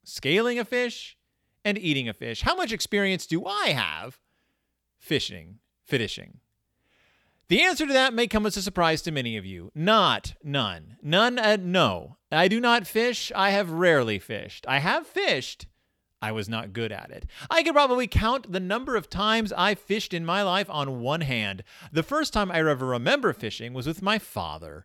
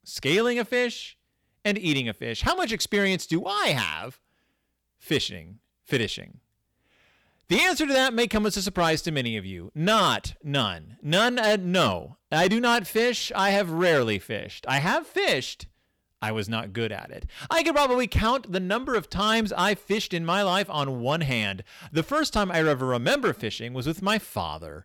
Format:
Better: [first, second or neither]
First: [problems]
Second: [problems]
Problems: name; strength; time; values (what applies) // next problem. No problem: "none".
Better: first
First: none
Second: distortion; slight; 4% of the sound clipped